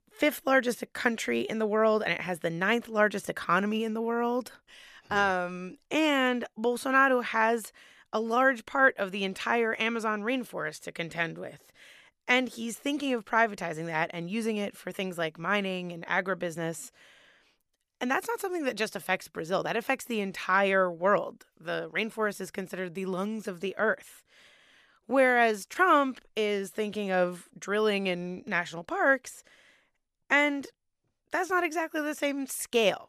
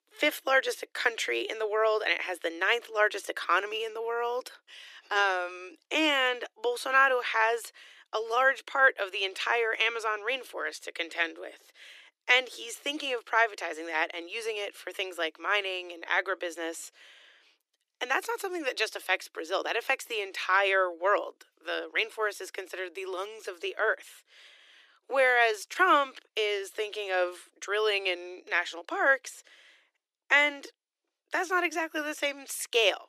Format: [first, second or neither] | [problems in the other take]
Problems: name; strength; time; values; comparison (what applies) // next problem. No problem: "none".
first | thin; very; fading below 300 Hz